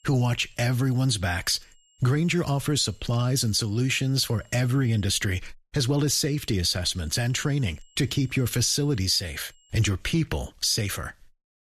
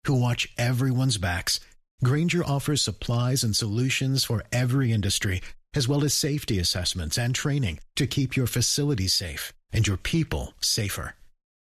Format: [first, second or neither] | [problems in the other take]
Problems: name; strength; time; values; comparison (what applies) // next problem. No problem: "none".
second | high-pitched whine; faint; until 5 s and from 6 to 9.5 s; 3 kHz, 35 dB below the speech